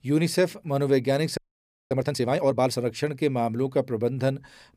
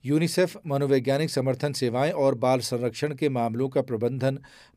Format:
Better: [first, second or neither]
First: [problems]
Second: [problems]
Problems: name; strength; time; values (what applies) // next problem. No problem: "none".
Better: second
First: audio freezing; at 1.5 s for 0.5 s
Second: none